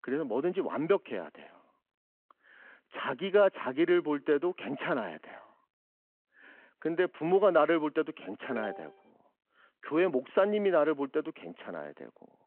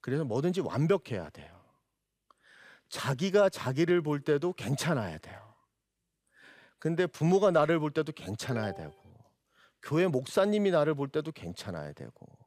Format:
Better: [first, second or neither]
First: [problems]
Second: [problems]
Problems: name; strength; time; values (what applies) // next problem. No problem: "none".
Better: second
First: phone-call audio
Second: none